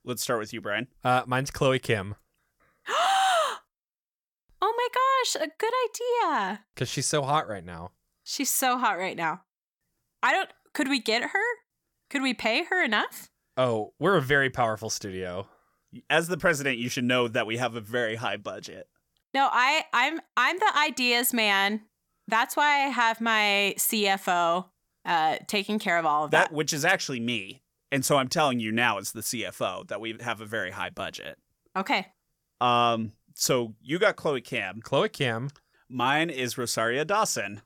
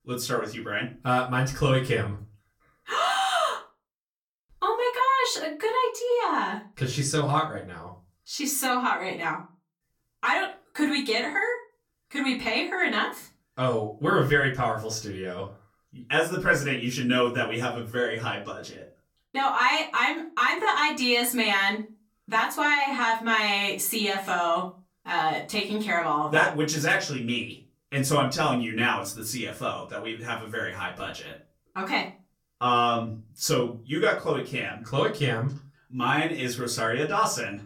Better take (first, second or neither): first